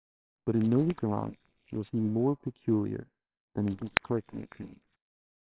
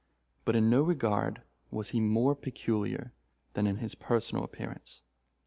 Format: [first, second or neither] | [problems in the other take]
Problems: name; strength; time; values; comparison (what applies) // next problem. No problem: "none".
second | noise reduction (neural separator model SepFormer WHAMR!)